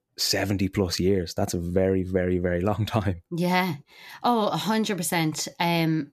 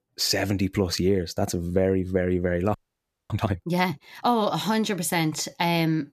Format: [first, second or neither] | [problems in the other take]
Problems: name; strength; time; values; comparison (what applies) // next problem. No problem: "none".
first | audio freezing; at 2.5 s for 0.5 s